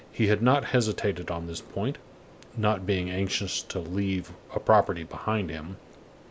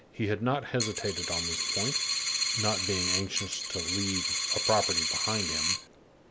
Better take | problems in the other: first | background sound (Coin (dropping)); 3 dB above the speech

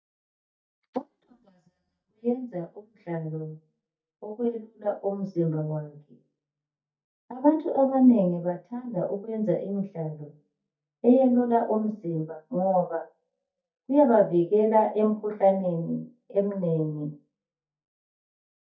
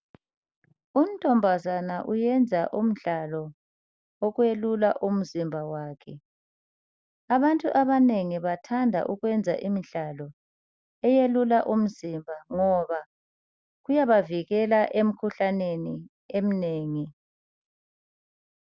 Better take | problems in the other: second | noise reduction (neural mask model DeepFilterNet 3)

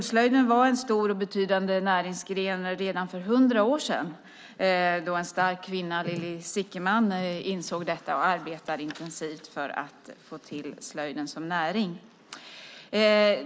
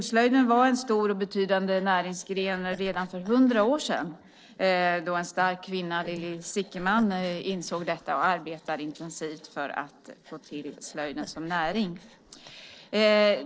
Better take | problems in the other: first | noise reduction (neural separator model SepFormer DNS4)

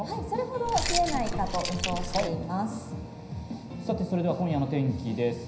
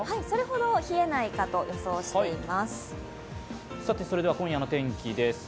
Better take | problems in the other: second | background sound (Keys jangling); 3 dB below the speech // room echo; dies away in 0.9 s

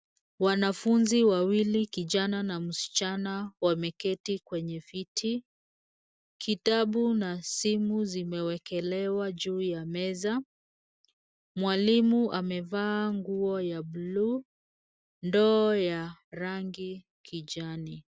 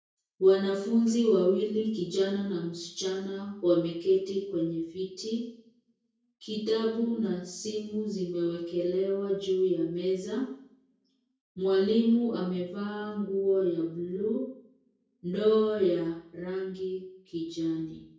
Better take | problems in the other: first | room echo; dies away in 0.6 s

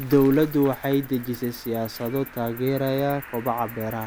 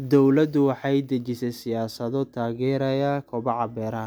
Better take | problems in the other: second | background sound (Cricket); 16 dB below the speech

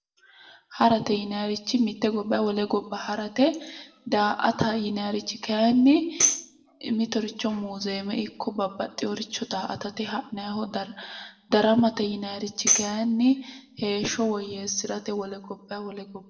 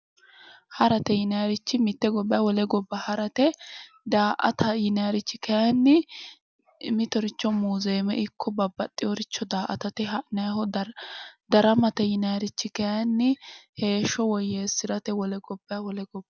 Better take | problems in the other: second | noise reduction (neural separator model SepFormer DNS4)

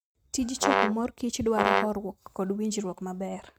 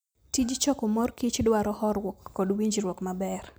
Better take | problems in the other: second | noise reduction (neural mask model RNNoise)

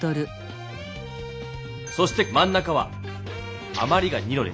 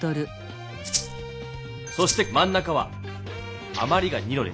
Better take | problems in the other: first | background sound (Rattle (instrument)); 3 dB below the speech

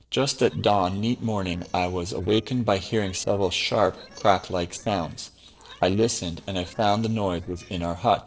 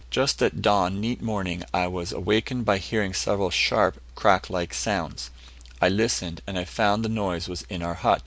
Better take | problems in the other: second | noise reduction (neural separator model SepFormer DNS4)

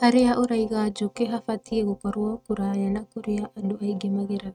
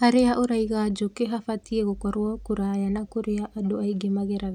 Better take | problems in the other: second | noise reduction (neural mask model RNNoise)

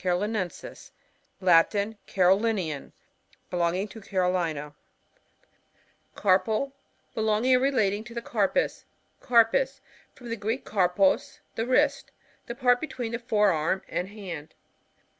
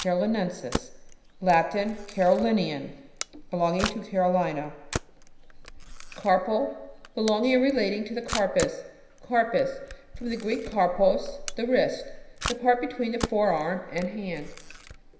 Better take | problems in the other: first | background sound (Camera); 12 dB below the speech // room echo; dies away in 0.9 s

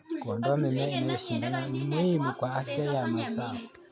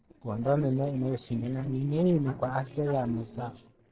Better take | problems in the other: first | noise reduction (neural separator model SepFormer DNS4)

